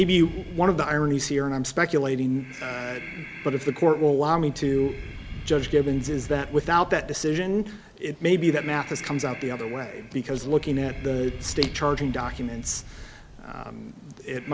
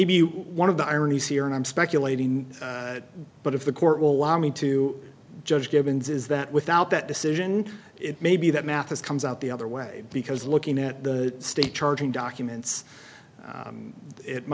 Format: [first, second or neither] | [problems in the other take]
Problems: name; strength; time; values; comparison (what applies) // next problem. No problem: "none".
second | background sound (Breathing); 14 dB below the speech